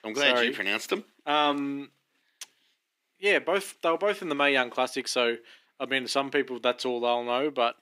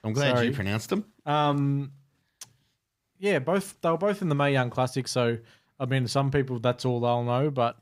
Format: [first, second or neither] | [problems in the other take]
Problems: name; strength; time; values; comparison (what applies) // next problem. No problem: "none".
second | thin; somewhat; fading below 300 Hz